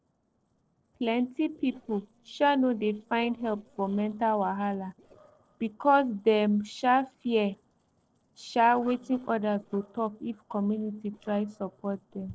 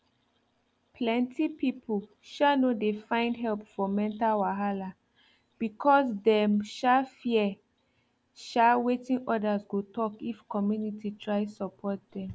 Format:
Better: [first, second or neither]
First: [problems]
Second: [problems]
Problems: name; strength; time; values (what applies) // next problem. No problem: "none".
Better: second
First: noise reduction (neural separator model SepFormer DNS4)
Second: none